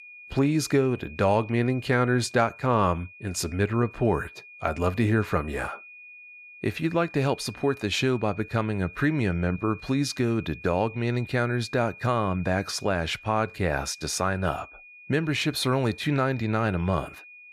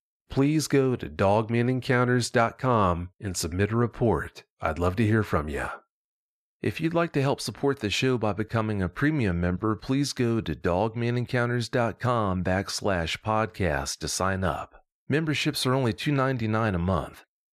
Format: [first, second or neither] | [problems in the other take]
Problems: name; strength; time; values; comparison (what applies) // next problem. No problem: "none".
second | high-pitched whine; noticeable; throughout; 2.5 kHz, 20 dB below the speech